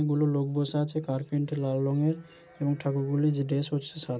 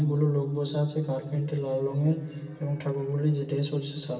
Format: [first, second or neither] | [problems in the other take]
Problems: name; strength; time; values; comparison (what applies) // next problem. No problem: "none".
first | room echo; dies away in 2.3 s